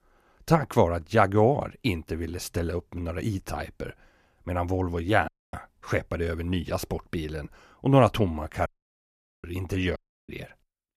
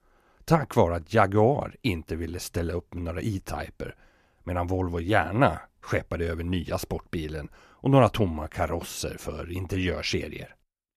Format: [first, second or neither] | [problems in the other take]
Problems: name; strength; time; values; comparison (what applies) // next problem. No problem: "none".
second | audio cutting out; at 5.5 s, at 8.5 s for 1 s and at 10 s